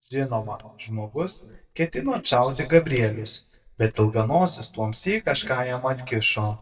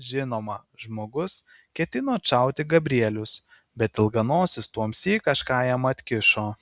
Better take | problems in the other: second | noise reduction (neural mask model DeepFilterNet 3)

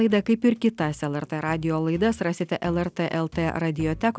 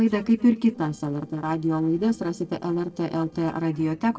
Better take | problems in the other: first | noise reduction (neural separator model SepFormer DNS4)

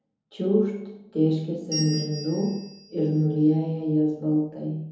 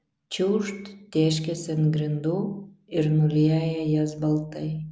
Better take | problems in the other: second | background sound (Bell); 13 dB below the speech // room echo; dies away in 0.8 s

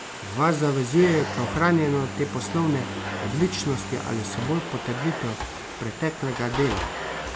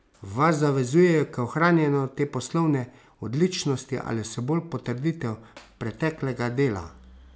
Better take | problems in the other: second | background sound (Organ + Domestic sounds, home sounds); 7 dB below the speech

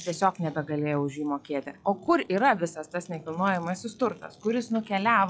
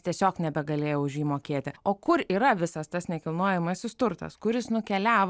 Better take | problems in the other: second | noise reduction (classical method log-MMSE)

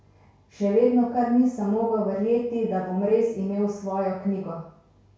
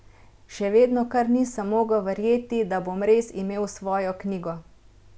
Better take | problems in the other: second | room echo; dies away in 0.6 s

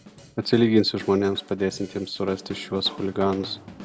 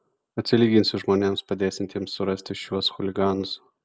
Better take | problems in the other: second | background sound (Drum / Drum kit); 19 dB below the speech

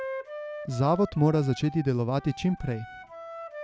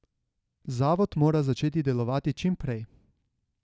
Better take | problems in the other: second | background sound (Wind instrument, woodwind instrument); 13 dB below the speech

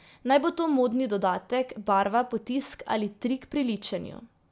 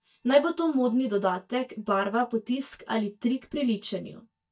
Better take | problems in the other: first | noise reduction (neural mask model DeepFilterNet 3)

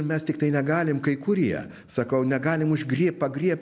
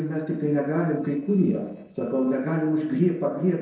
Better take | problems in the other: first | noise reduction (neural separator model SepFormer DNS4)

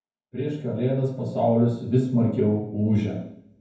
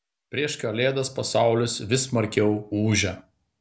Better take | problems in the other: second | room echo; dies away in 0.9 s

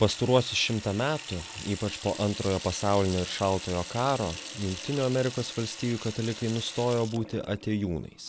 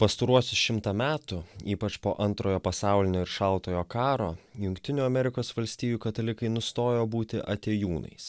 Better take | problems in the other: second | background sound (Sink (filling or washing) / Water tap, faucet); 13 dB below the speech

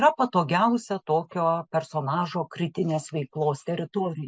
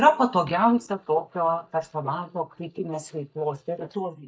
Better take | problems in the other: first | noise reduction (neural mask model DeepFilterNet 3)

